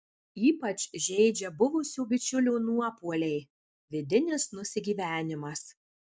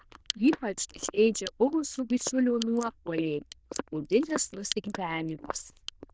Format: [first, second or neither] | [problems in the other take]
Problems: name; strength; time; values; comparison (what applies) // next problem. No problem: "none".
first | noise reduction (neural diffusion model UNIVERSE++)